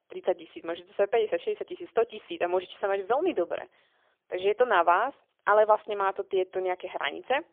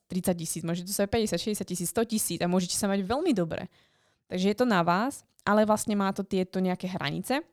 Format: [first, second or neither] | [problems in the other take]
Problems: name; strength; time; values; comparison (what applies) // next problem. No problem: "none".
second | phone-call audio; poor line; nothing above 3.5 kHz